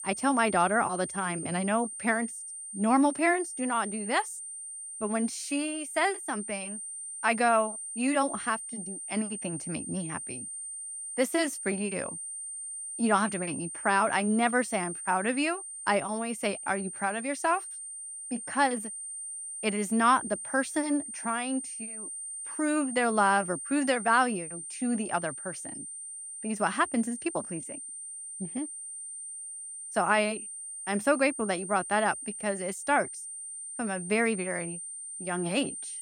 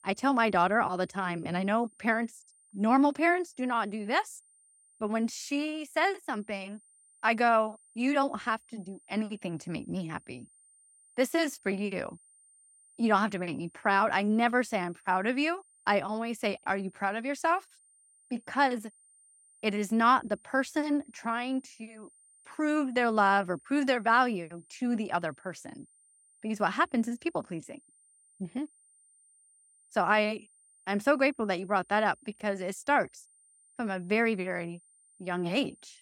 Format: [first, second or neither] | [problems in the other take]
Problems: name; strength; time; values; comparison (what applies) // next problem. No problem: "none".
second | high-pitched whine; loud; throughout; 9 kHz, 8 dB below the speech; faint in the second